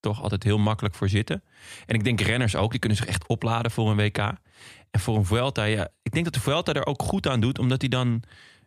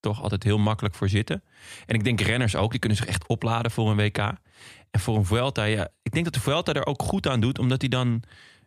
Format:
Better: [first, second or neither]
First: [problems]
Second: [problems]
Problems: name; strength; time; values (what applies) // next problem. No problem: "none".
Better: neither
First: none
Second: none